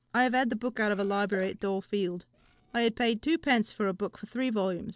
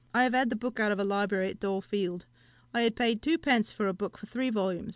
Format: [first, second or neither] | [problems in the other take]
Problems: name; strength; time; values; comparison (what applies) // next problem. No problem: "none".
second | noise reduction (neural separator model SepFormer DNS4)